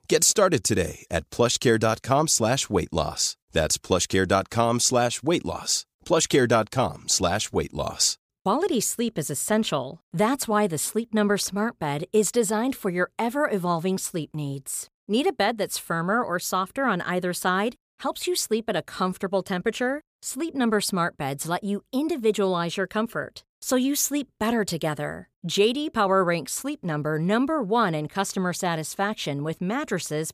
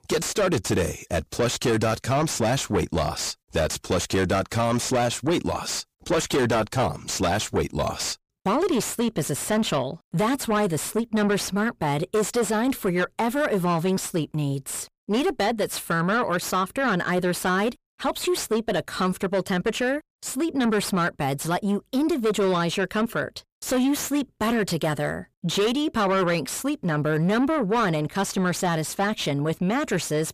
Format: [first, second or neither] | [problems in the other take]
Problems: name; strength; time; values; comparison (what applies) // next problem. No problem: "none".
first | distortion; heavy; 7 dB below the speech